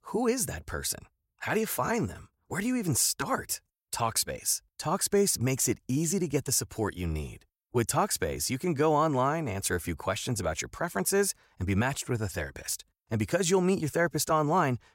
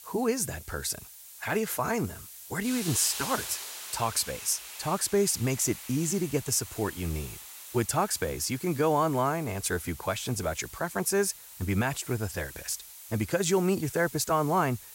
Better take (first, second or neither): first